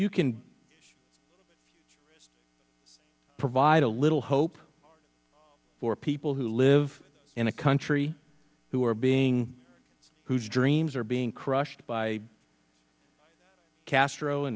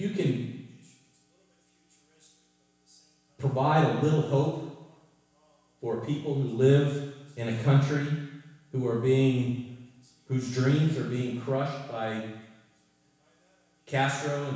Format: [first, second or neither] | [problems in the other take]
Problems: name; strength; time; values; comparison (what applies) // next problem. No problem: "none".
first | room echo; dies away in 1.1 s